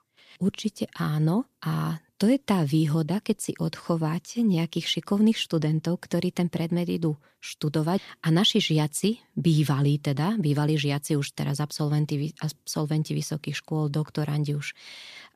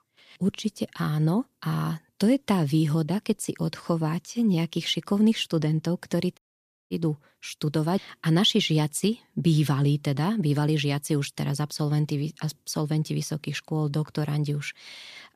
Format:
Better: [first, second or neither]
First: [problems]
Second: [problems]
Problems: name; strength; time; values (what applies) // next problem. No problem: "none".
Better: first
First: none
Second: audio cutting out; at 6.5 s for 0.5 s